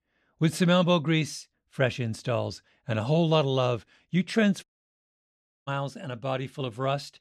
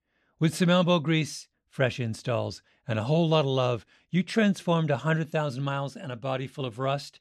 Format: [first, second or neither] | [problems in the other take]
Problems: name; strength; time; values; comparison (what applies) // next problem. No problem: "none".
second | audio cutting out; at 4.5 s for 1 s